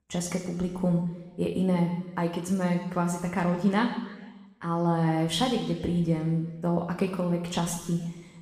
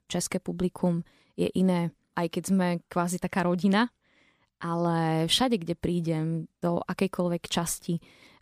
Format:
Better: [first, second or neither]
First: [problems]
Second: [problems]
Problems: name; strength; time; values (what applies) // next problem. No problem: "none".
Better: second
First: room echo; noticeable; dies away in 1.2 s // off-mic speech; somewhat distant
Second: none